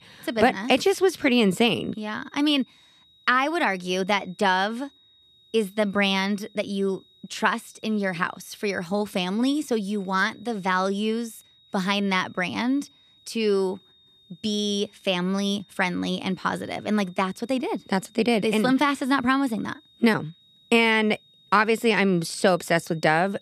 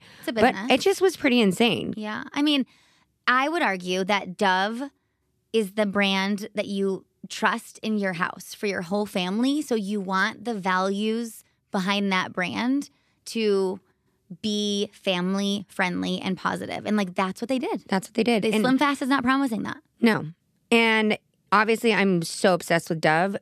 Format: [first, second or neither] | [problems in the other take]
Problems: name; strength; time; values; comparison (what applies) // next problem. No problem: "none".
second | high-pitched whine; faint; throughout; 4 kHz, 30 dB below the speech